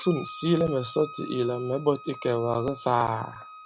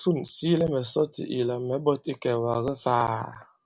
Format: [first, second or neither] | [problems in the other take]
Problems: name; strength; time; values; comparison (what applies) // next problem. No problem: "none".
second | background sound (Bowed string instrument); 16 dB below the speech